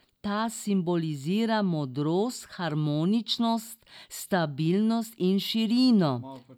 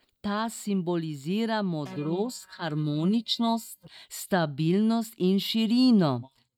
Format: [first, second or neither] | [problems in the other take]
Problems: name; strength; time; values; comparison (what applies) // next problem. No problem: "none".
first | noise reduction (neural mask model DeepFilterNet 3)